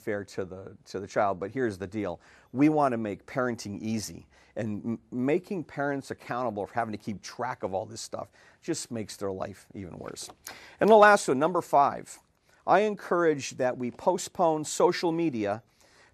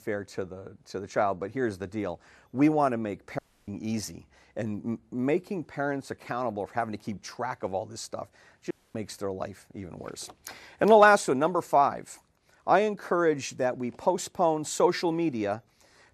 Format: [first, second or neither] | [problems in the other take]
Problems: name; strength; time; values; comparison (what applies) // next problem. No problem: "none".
first | audio cutting out; at 3.5 s and at 8.5 s